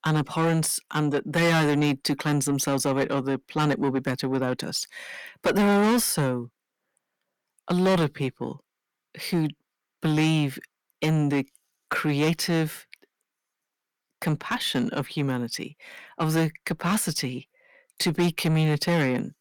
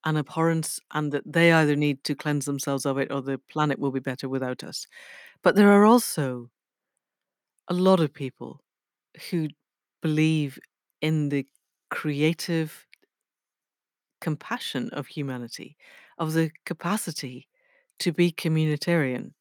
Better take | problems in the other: second | distortion; heavy; 6 dB below the speech

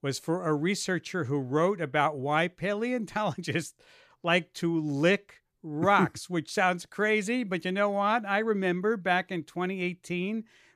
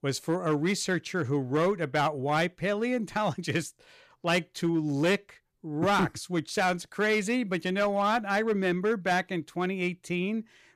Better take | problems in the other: first | distortion; slight; 5% of the sound clipped

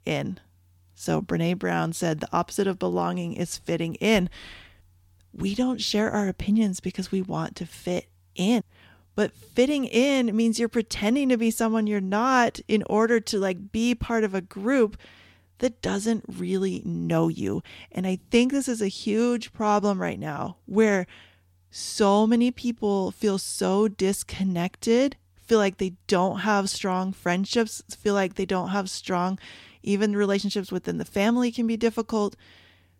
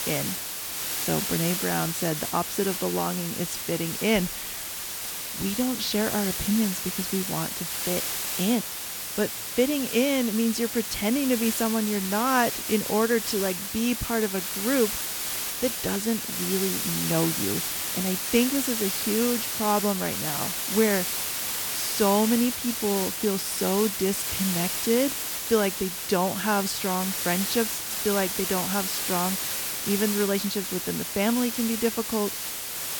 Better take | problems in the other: first | hiss; loud; throughout; 1 dB below the speech

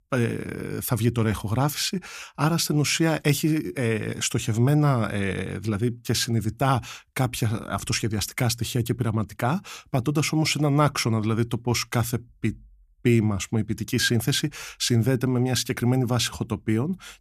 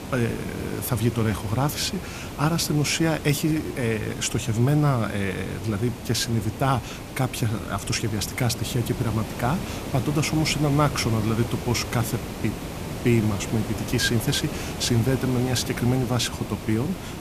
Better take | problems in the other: first | hiss; loud; throughout; 9 dB below the speech

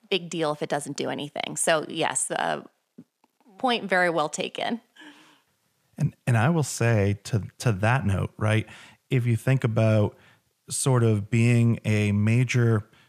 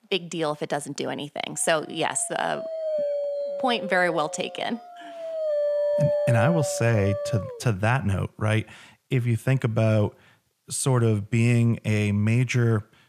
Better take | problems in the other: first | dog barking; loud; from 2 to 7.5 s; peak 1 dB above the speech

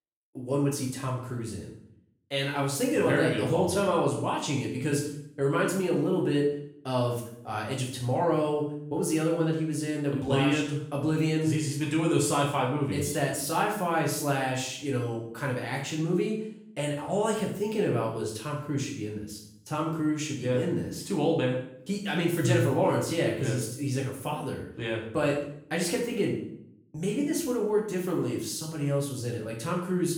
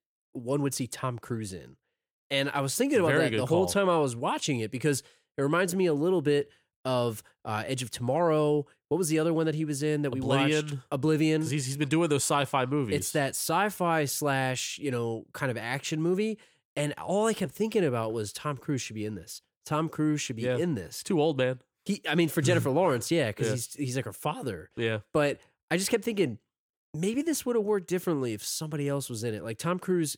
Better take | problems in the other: second | room echo; noticeable; dies away in 0.6 s // off-mic speech; far

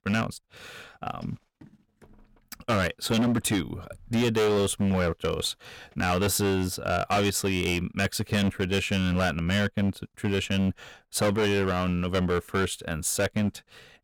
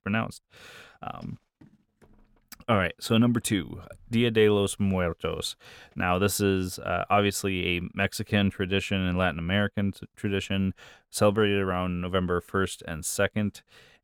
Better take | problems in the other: second | distortion; heavy; 12% of the sound clipped

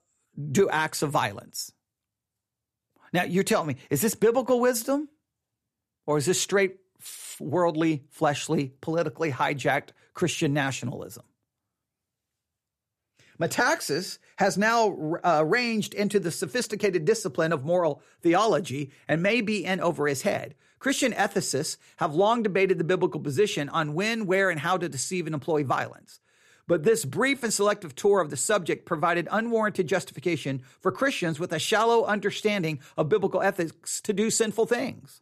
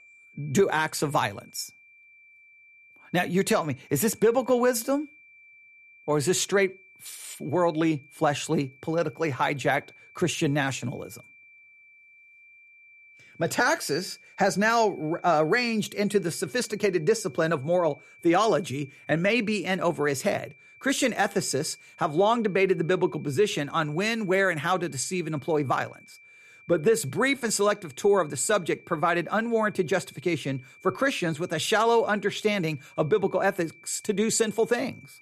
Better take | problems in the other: first | high-pitched whine; faint; throughout; 2.5 kHz, 25 dB below the speech

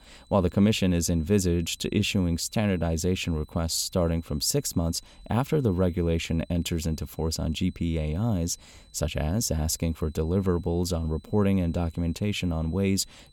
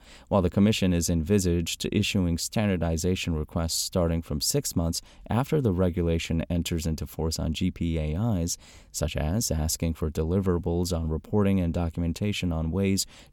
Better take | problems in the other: second | high-pitched whine; faint; throughout; 4 kHz, 30 dB below the speech

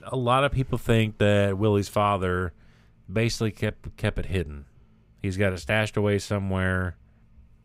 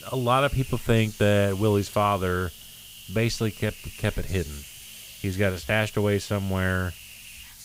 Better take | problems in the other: first | hiss; noticeable; throughout; 15 dB below the speech

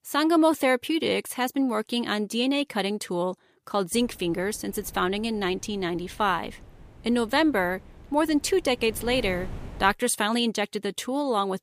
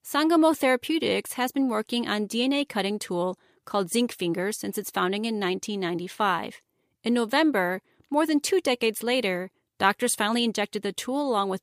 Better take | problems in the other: second | wind noise on the microphone; occasional gusts; from 4 to 10 s; 25 dB below the speech

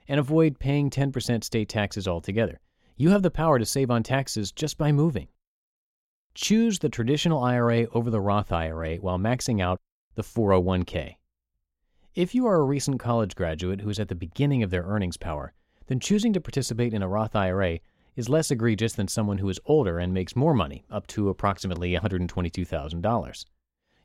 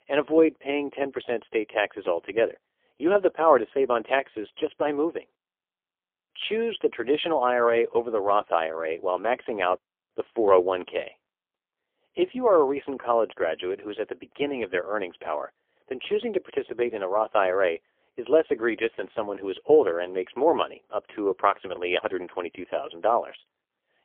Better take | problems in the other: first | phone-call audio; poor line; nothing above 3.5 kHz

